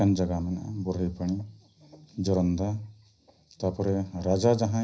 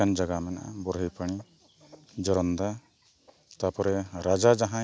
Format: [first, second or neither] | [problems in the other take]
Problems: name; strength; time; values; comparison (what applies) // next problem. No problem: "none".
second | room echo; dies away in 0.5 s